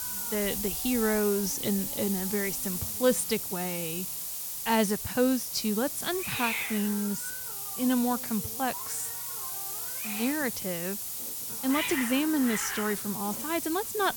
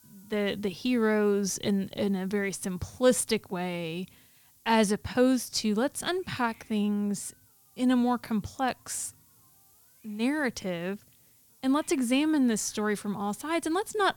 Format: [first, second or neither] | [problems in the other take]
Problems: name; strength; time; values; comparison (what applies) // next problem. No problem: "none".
second | hiss; loud; throughout; 2 dB below the speech; faint in the second